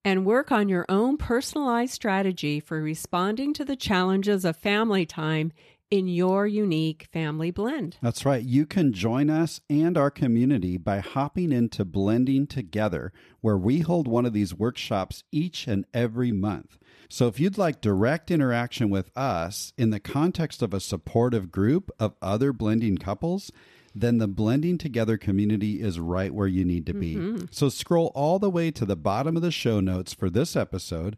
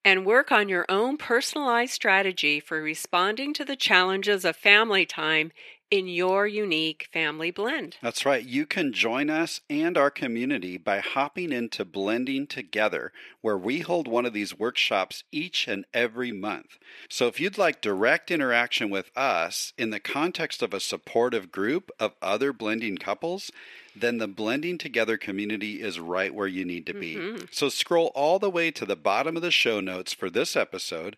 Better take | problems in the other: first | thin; somewhat; fading below 400 Hz

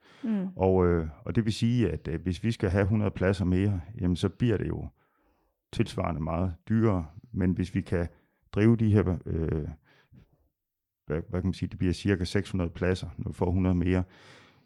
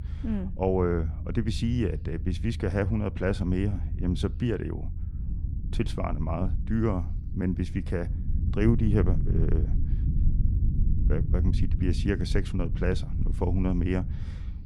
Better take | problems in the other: first | low rumble; noticeable; throughout; 10 dB below the speech

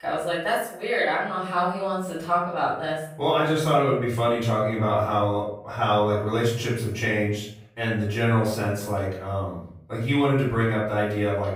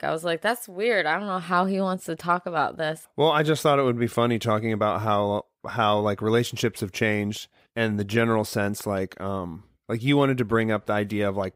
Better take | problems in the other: second | room echo; noticeable; dies away in 0.6 s // off-mic speech; far

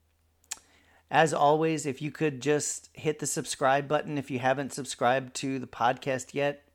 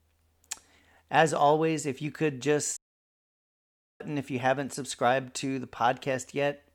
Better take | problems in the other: first | audio cutting out; at 3 s for 1 s

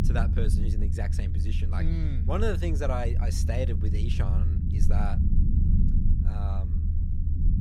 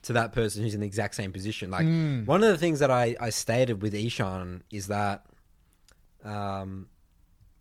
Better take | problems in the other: second | low rumble; loud; throughout; 6 dB below the speech

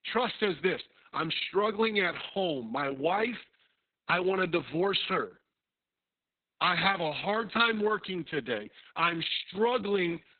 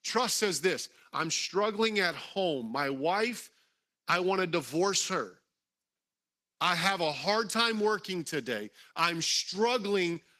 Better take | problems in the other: second | garbled, watery; badly; nothing above 4 kHz; slightly in the second

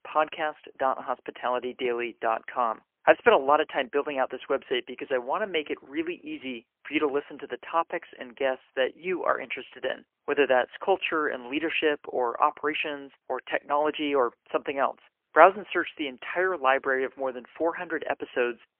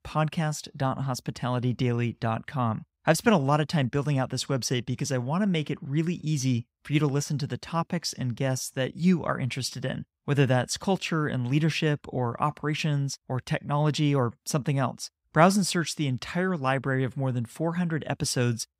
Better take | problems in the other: second | phone-call audio; poor line; nothing above 3 kHz

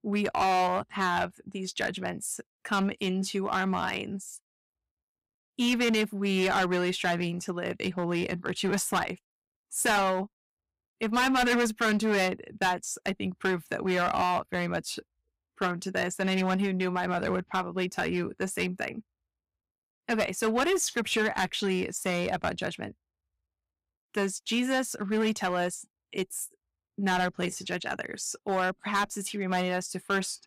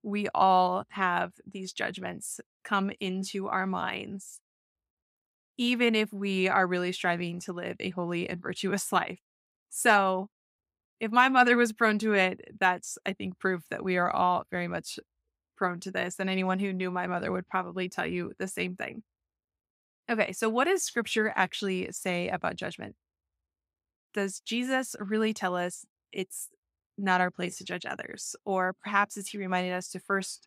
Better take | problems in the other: second | distortion; heavy; 7% of the sound clipped

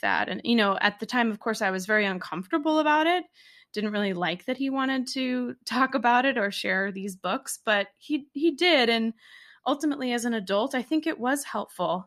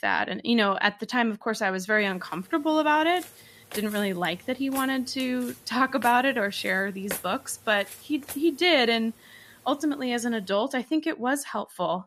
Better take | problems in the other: first | footsteps; noticeable; from 3 to 8.5 s; peak 8 dB below the speech

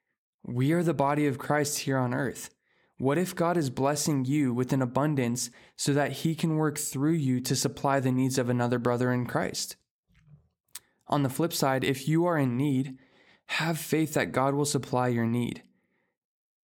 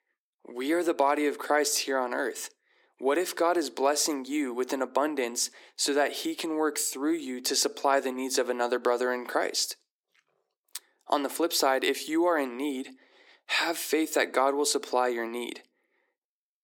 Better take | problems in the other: first | thin; somewhat; fading below 300 Hz

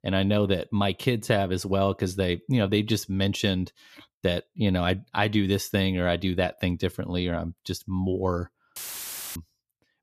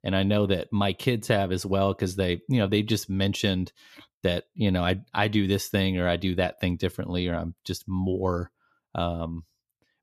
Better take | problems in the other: second | audio cutting out; filled with static; at 9 s for 0.5 s

